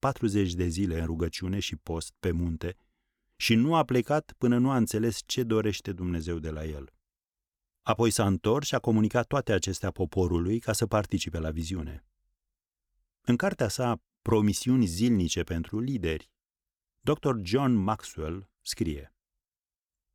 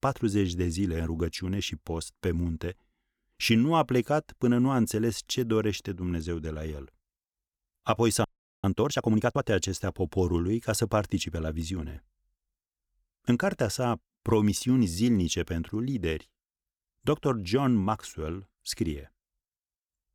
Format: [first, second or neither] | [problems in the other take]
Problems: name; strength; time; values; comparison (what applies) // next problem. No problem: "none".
first | audio freezing; at 8 s